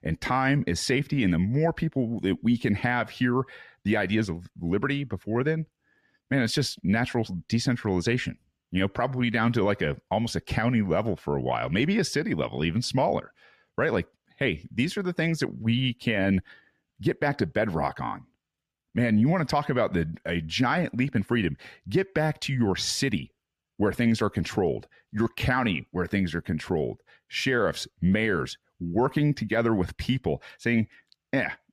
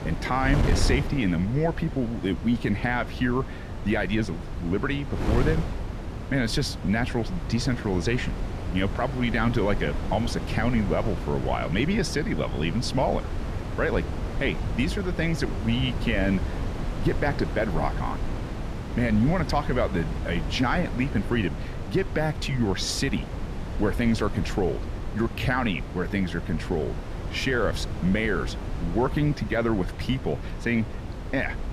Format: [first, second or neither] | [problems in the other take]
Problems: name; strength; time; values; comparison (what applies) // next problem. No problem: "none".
first | wind noise on the microphone; heavy; 10 dB below the speech